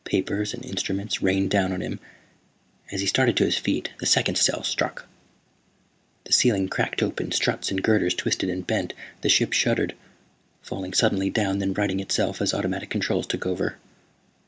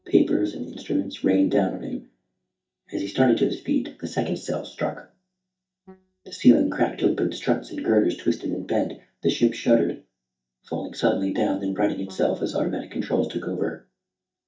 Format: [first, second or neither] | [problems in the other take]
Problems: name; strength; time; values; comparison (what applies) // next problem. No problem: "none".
first | noise reduction (neural mask model DeepFilterNet 3)